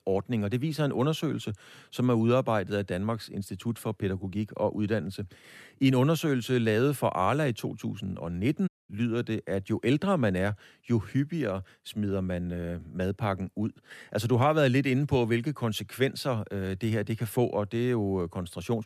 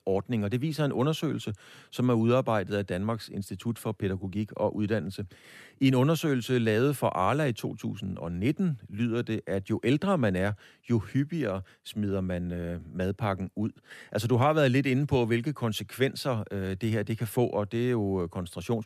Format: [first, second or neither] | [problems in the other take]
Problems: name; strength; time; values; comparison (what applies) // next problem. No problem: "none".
second | audio cutting out; at 8.5 s